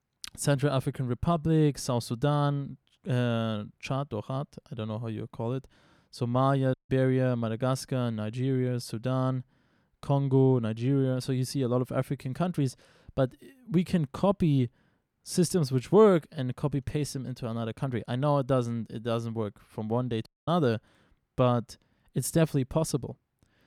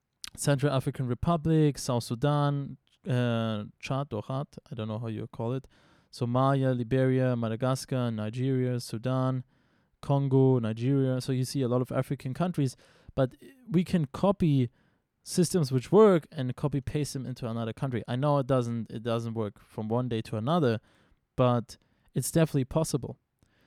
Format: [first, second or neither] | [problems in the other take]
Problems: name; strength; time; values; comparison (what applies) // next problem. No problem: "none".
second | audio cutting out; at 6.5 s and at 20 s